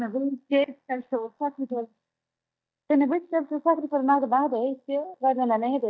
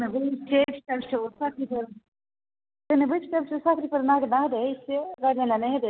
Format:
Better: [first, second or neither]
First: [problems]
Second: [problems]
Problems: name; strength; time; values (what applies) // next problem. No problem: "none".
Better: second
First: noise reduction (neural mask model DeepFilterNet 3)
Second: none